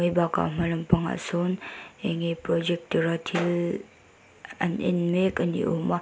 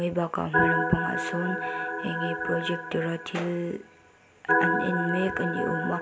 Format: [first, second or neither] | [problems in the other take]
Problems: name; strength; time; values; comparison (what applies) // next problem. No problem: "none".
first | background sound (Organ); as loud as the speech